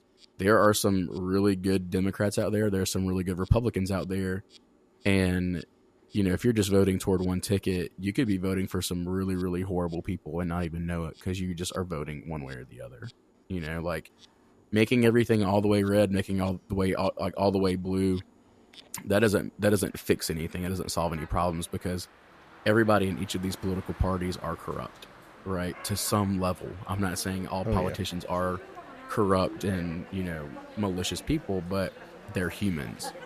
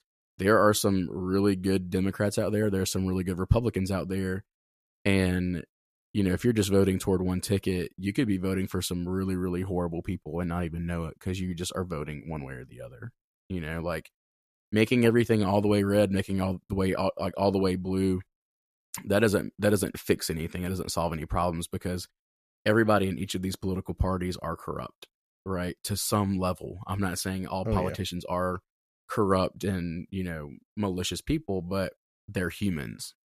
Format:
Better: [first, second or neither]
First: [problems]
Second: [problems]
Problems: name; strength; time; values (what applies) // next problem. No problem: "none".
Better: second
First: animal sounds; faint; throughout; 20 dB below the speech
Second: none